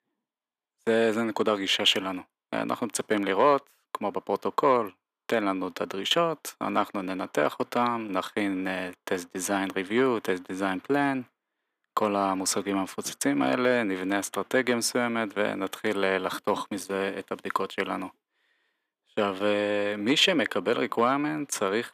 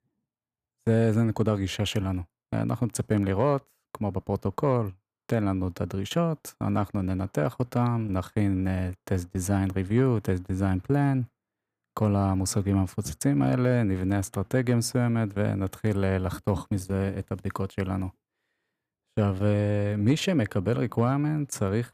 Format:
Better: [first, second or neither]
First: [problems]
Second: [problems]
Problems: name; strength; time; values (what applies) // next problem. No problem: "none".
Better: second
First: thin; somewhat; fading below 300 Hz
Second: none